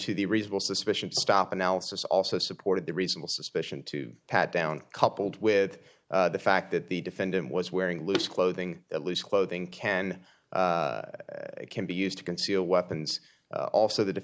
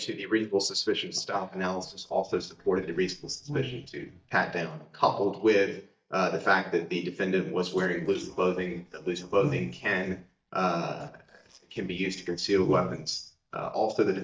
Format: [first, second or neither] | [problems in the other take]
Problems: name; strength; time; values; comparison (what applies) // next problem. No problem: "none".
first | noise reduction (neural mask model DeepFilterNet 3)